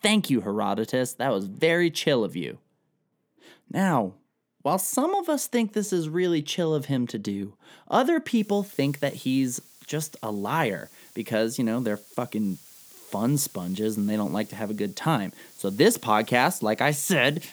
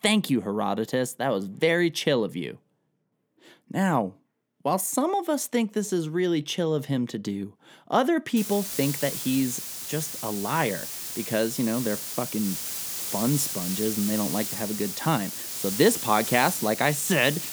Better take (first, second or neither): first